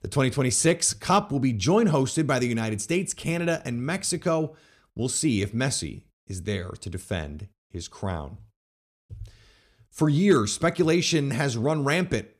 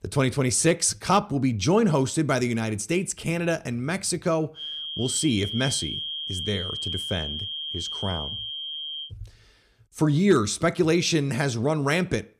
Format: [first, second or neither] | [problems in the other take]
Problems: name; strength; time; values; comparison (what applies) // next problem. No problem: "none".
first | high-pitched whine; loud; from 4.5 to 9 s; 3 kHz, 6 dB below the speech